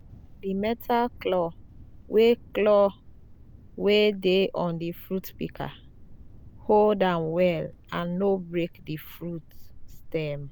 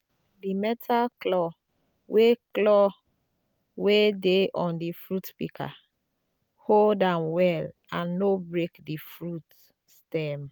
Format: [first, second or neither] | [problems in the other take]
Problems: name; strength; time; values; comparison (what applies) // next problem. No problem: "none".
second | background sound (Thunder); 19 dB below the speech